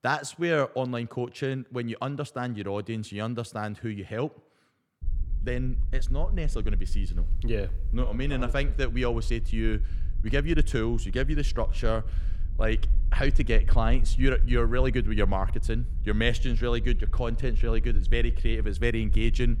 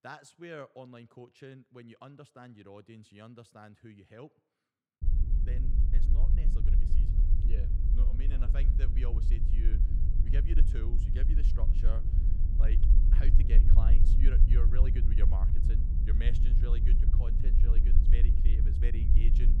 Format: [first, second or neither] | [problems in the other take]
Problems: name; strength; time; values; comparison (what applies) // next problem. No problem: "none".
first | low rumble; loud; from 5 s on; 1 dB below the speech; faint in the first